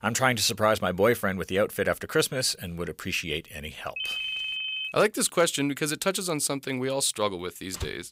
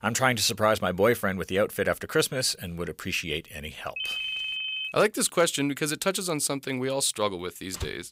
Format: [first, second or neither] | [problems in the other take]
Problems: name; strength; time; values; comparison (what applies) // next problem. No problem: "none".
neither | phone ringing; noticeable; at 4 s; peak 2 dB below the speech; the same in both // door banging; very faint; at 7.5 s; peak 15 dB below the speech; the same in both